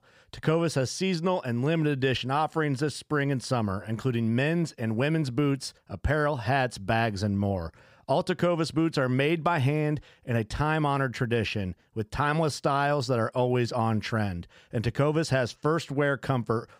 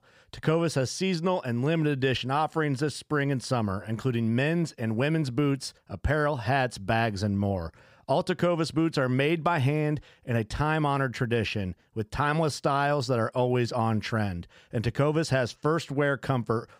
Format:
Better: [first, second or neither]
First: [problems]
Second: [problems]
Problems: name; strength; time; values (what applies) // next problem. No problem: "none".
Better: neither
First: none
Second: none